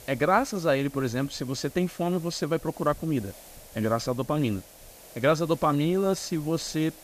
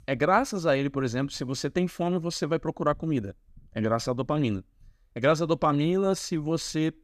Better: second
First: hiss; faint; throughout; 20 dB below the speech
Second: none

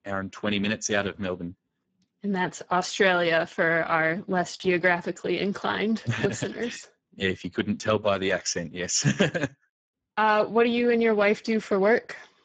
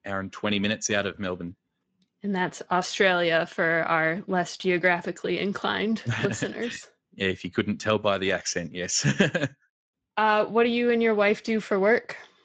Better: second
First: garbled, watery; badly; nothing above 7.5 kHz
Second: garbled, watery; slightly

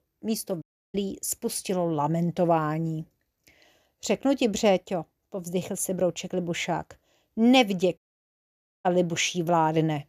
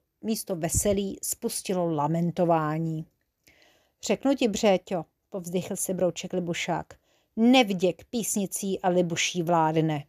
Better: second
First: audio cutting out; at 0.5 s and at 8 s for 1 s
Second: none

